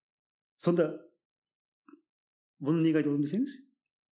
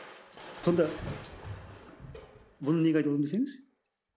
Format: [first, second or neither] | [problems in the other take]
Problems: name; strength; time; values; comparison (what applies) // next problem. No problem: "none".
first | background sound (Crushing); 14 dB below the speech